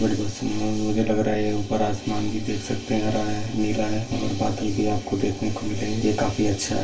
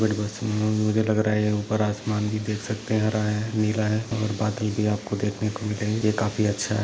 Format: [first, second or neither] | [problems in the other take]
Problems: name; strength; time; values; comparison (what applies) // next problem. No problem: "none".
second | room echo; dies away in 0.1 s